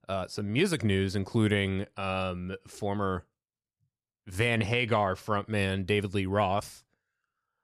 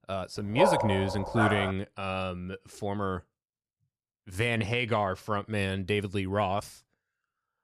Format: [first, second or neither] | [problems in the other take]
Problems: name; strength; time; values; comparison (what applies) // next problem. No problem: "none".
first | dog barking; loud; from 0.5 to 1.5 s; peak 5 dB above the speech